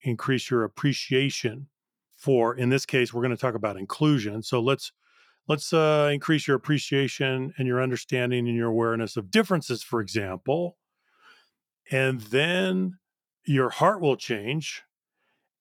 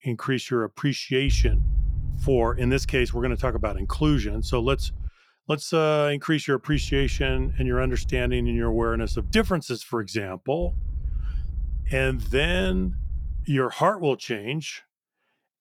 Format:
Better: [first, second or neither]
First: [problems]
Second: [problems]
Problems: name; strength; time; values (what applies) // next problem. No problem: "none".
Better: first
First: none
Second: low rumble; faint; from 1.5 to 5 s, from 6.5 to 9.5 s and from 11 to 13 s; 25 dB below the speech